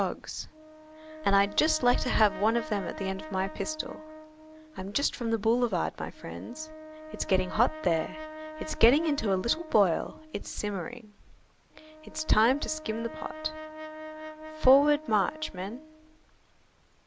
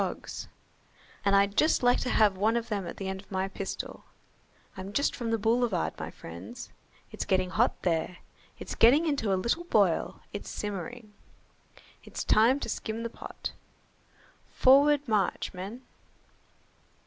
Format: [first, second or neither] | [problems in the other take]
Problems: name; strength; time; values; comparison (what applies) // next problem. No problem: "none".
second | background sound (Brass instrument); 14 dB below the speech